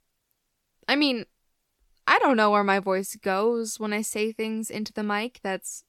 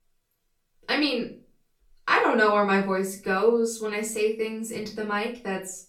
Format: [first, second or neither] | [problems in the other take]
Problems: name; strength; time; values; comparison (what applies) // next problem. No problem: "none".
first | off-mic speech; far // room echo; slight; dies away in 0.3 s